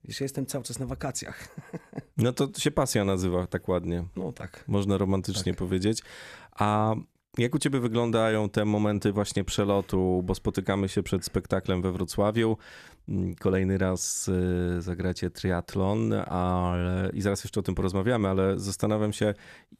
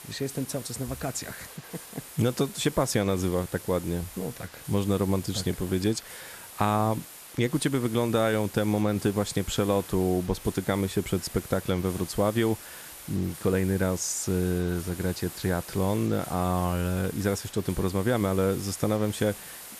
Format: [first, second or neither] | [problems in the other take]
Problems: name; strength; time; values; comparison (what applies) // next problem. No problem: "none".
first | hiss; noticeable; throughout; 15 dB below the speech